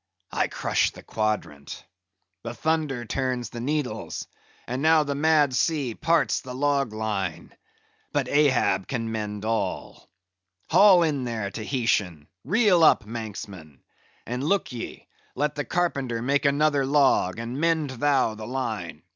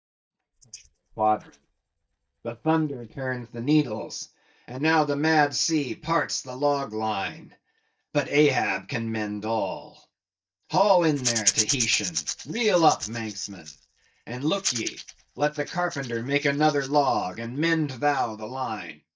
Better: first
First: none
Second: noise reduction (neural mask model DeepFilterNet 3)

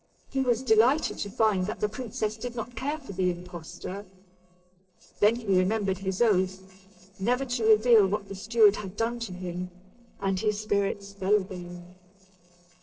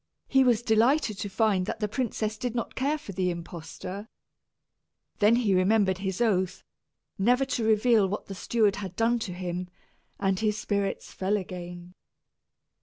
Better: second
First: noise reduction (neural separator model SepFormer DNS4)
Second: none

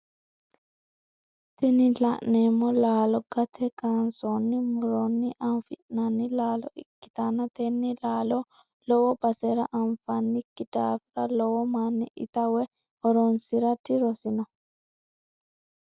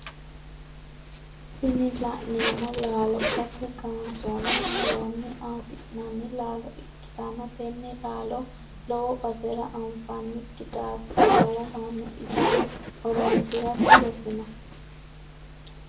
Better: first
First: none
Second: background sound (Zipper (clothing)); 3 dB above the speech // room echo; dies away in 0.3 s

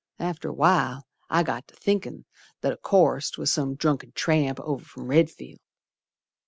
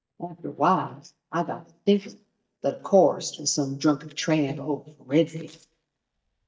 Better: first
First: none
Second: noise reduction (neural mask model DeepFilterNet 3)

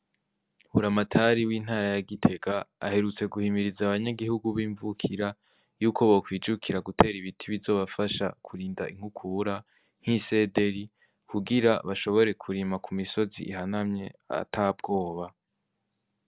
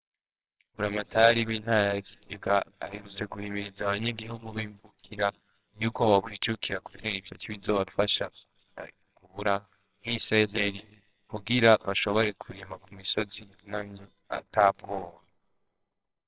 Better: first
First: none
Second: noise reduction (neural separator model SepFormer WHAMR!)

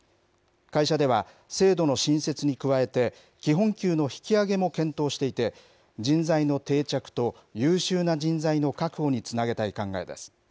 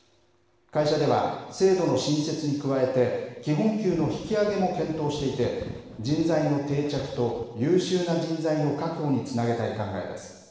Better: first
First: none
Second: background sound (Wind); 17 dB below the speech // room echo; dies away in 1.1 s

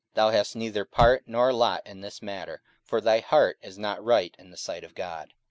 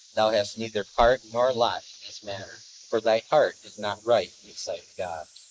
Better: first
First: none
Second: noise reduction (neural mask model Resemble Enhance denoiser)

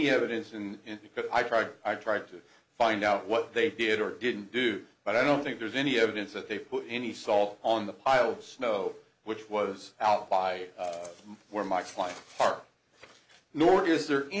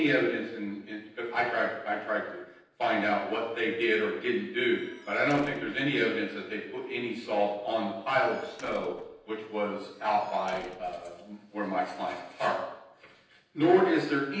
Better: first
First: none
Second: noise reduction (neural separator model SepFormer DNS4)

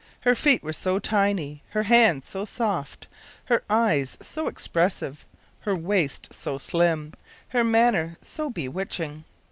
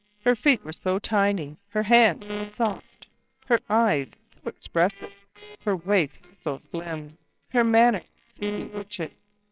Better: first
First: none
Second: noise reduction (neural separator model SepFormer WHAMR!)

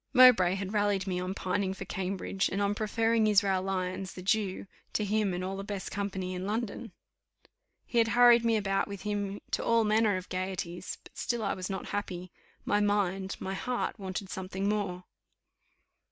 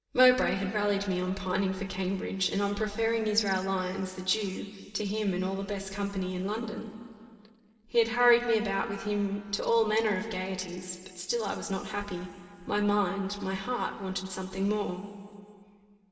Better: first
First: none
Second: room echo; dies away in 2.8 s

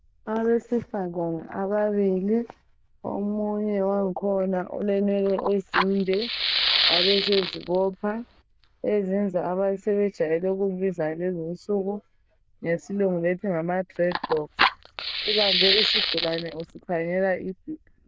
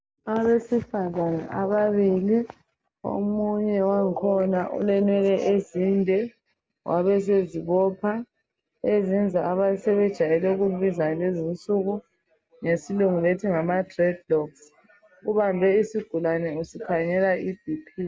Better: second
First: noise reduction (neural diffusion model UNIVERSE++)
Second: none

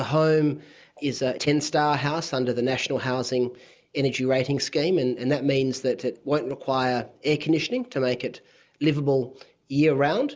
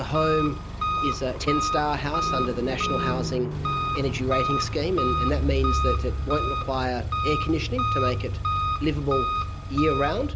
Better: first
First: none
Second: background sound (Engine + Car); 1 dB above the speech

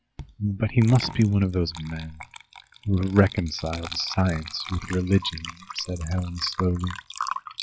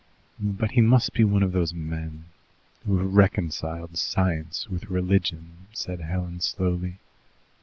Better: second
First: noise reduction (classical method log-MMSE)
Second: none

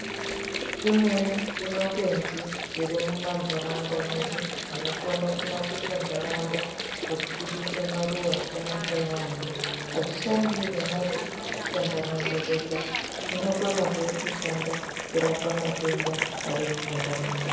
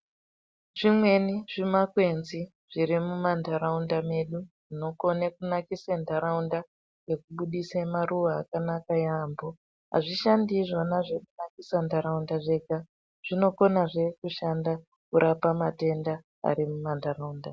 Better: second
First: background sound (Water); 3 dB below the speech // room echo; dies away in 1 s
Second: none

